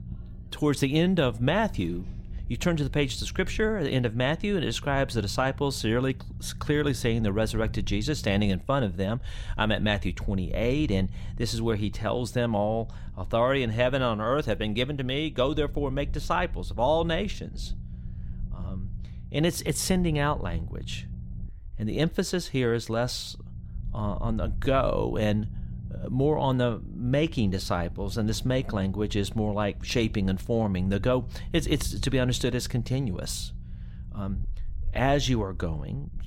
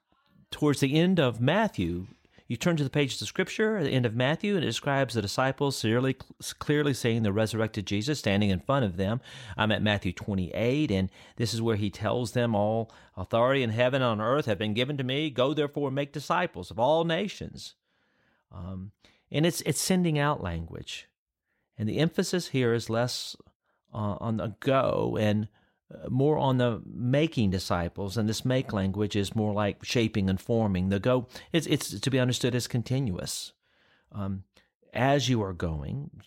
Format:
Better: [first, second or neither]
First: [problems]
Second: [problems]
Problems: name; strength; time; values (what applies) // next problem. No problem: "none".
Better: second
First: low rumble; faint; throughout; 25 dB below the speech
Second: none